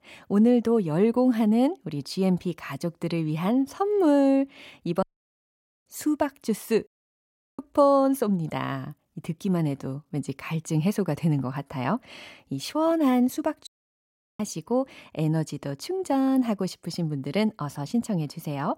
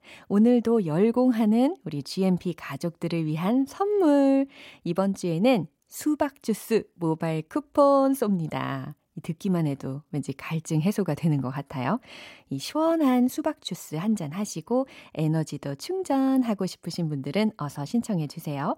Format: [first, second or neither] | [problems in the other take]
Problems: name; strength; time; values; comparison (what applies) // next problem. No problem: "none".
second | audio cutting out; at 5 s for 1 s, at 7 s for 0.5 s and at 14 s for 0.5 s